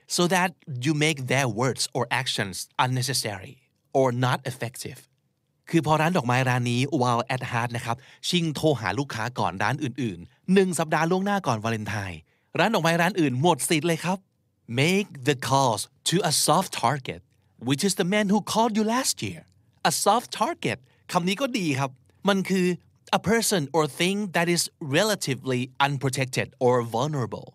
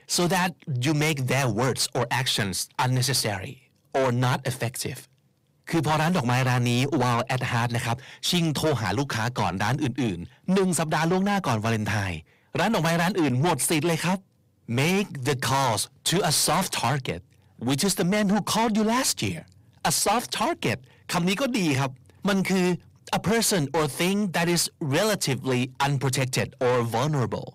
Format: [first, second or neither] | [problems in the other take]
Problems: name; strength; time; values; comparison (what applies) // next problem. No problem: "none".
first | distortion; heavy; 7 dB below the speech